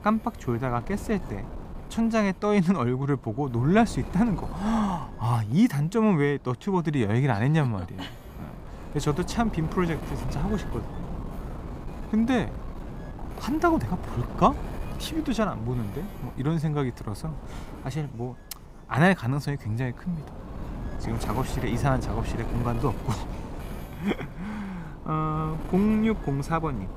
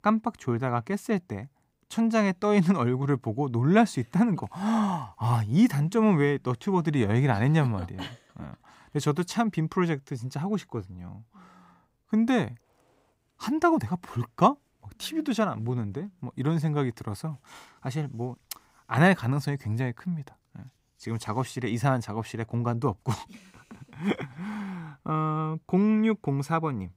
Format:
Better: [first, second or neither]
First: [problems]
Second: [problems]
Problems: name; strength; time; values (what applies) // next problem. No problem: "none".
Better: second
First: wind noise on the microphone; occasional gusts; 15 dB below the speech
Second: none